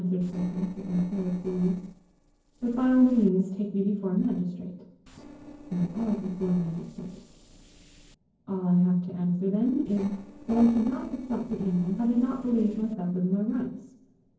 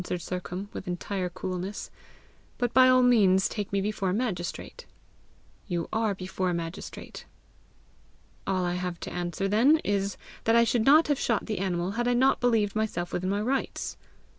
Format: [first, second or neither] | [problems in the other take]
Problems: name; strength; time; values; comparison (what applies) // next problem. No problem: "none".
second | noise reduction (neural separator model SepFormer DNS4)